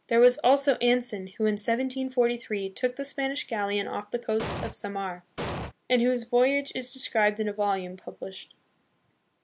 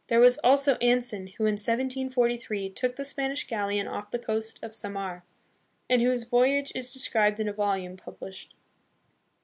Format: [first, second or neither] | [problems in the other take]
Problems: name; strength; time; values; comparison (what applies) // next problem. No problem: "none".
second | background sound (Explosion); 5 dB below the speech